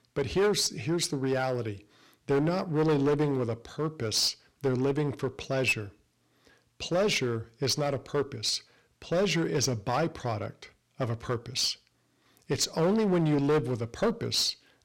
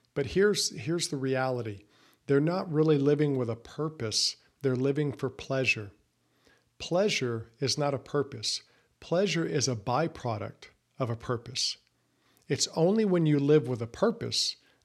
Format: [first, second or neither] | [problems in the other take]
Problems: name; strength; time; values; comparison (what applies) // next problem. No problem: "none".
second | distortion; slight; 7% of the sound clipped